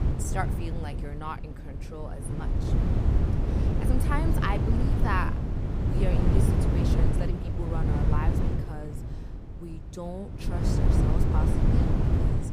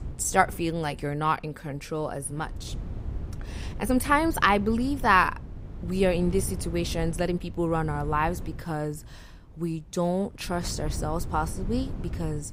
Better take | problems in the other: second | wind noise on the microphone; heavy; as loud as the speech; occasional gusts in the second

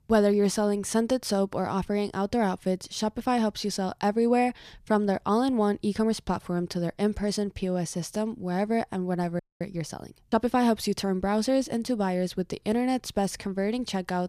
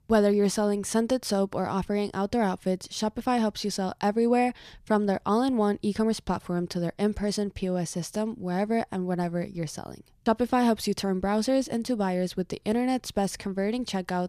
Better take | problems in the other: second | audio freezing; at 9.5 s

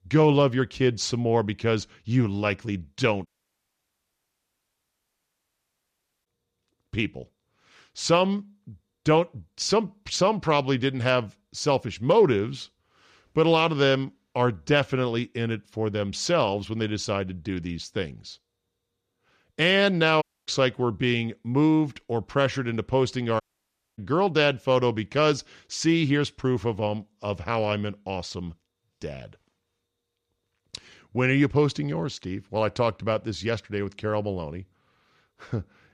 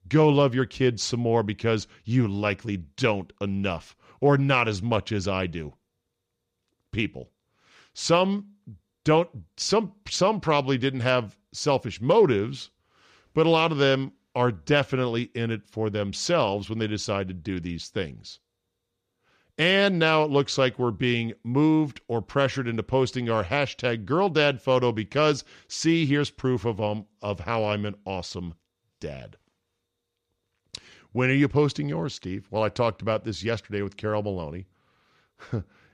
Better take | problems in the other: second | audio cutting out; at 3.5 s for 3 s, at 20 s and at 23 s for 0.5 s

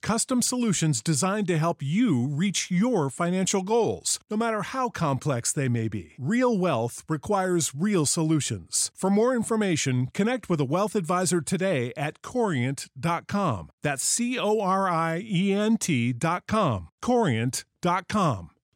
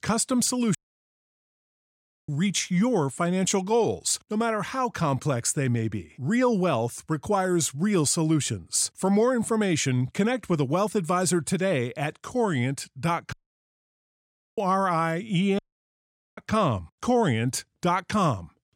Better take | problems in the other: first | audio cutting out; at 1 s for 1.5 s, at 13 s for 1 s and at 16 s for 1 s

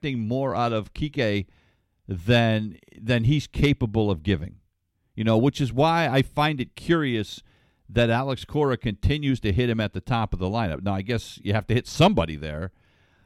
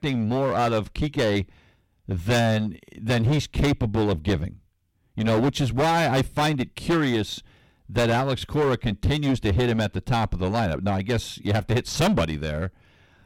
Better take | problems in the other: first | distortion; heavy; 15% of the sound clipped

